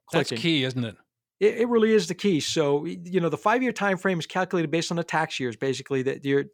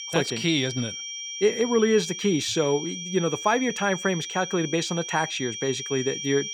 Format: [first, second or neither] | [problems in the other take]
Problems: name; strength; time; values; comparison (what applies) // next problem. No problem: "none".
first | high-pitched whine; loud; throughout; 3 kHz, 7 dB below the speech